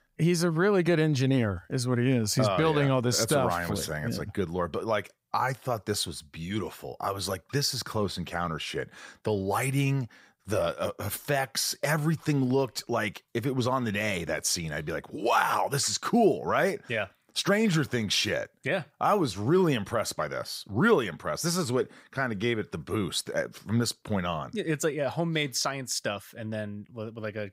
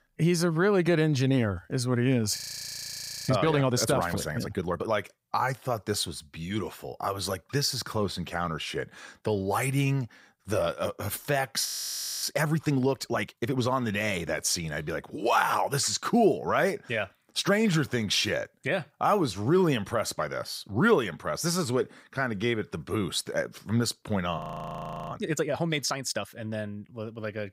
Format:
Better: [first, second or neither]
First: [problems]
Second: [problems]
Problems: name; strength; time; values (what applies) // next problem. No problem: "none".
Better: first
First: none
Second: audio freezing; at 2.5 s for 1 s, at 12 s for 0.5 s and at 24 s for 0.5 s